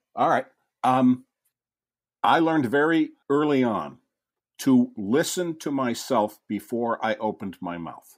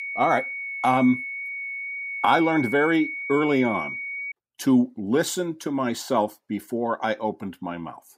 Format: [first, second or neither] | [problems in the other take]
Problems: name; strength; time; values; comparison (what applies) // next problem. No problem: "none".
first | high-pitched whine; loud; until 4.5 s; 2 kHz, 6 dB below the speech